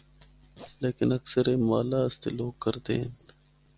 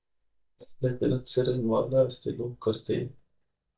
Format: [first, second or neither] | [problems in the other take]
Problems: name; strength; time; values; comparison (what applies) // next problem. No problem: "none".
first | noise reduction (neural mask model DeepFilterNet 3)